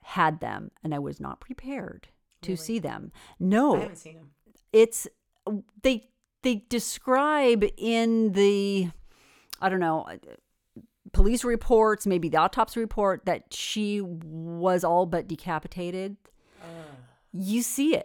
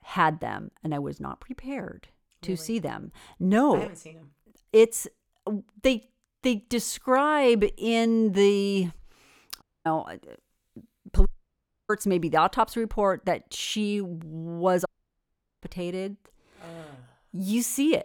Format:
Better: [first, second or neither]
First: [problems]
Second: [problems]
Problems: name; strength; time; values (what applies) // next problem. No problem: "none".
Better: first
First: none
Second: audio cutting out; at 9.5 s, at 11 s for 0.5 s and at 15 s for 1 s